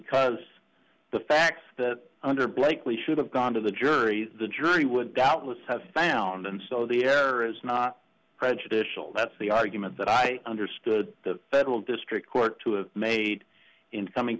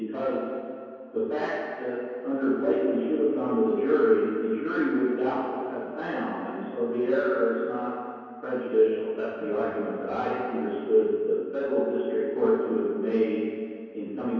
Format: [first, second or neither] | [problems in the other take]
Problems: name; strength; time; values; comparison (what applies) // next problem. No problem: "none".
first | room echo; dies away in 2.2 s